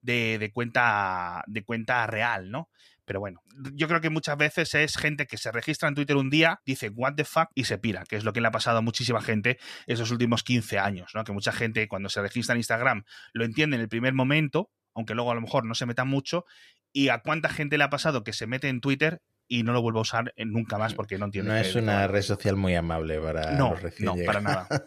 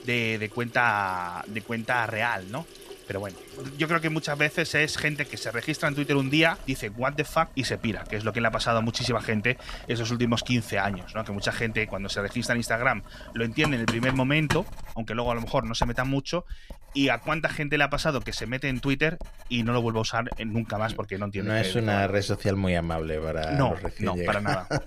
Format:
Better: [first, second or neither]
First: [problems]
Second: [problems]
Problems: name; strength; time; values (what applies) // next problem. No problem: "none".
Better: first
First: none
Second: household noises; noticeable; throughout; 15 dB below the speech